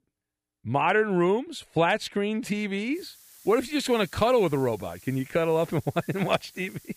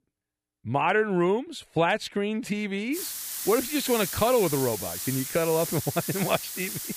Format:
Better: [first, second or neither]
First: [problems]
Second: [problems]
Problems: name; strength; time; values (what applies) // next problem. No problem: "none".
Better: first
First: hiss; faint; from 3 s on; 25 dB below the speech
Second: hiss; loud; from 3 s on; 5 dB below the speech